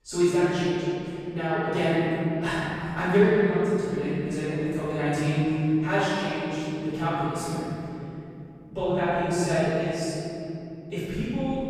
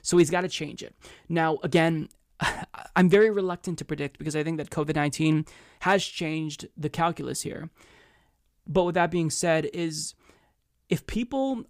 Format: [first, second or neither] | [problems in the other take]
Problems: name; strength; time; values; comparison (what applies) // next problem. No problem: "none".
second | off-mic speech; far // room echo; strong; dies away in 3 s